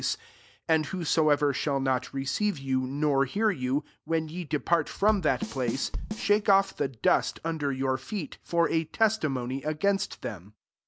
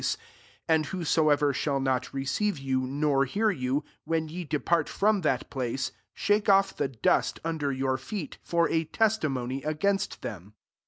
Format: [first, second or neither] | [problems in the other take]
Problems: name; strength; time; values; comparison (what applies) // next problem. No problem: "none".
second | background sound (Bass drum / Snare drum / Drum kit); 8 dB below the speech